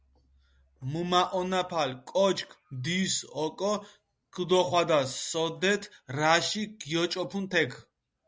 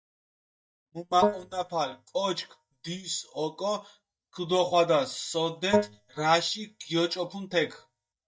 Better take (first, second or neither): first